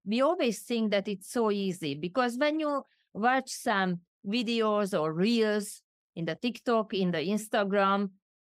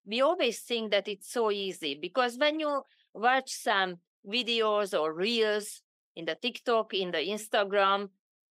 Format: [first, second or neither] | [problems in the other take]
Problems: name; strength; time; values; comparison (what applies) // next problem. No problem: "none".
first | thin; somewhat; fading below 400 Hz